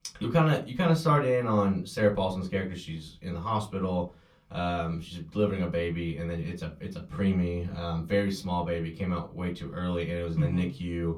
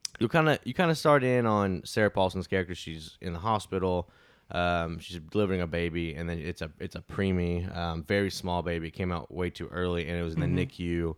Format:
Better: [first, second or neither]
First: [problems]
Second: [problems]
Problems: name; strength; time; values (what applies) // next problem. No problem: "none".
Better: second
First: off-mic speech; far // room echo; very slight; dies away in 0.2 s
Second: none